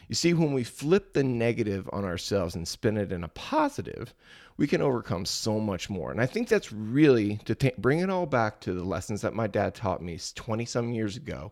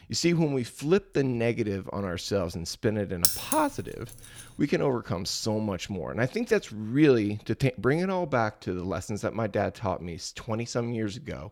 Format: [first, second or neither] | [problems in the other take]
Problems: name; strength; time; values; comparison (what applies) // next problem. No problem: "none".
first | jangling keys; loud; at 3 s; peak 5 dB above the speech